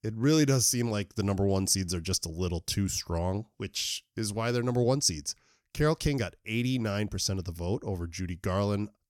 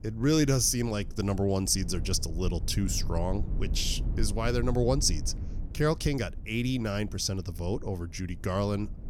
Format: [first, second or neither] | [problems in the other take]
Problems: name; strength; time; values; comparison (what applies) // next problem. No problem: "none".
first | low rumble; faint; throughout; 20 dB below the speech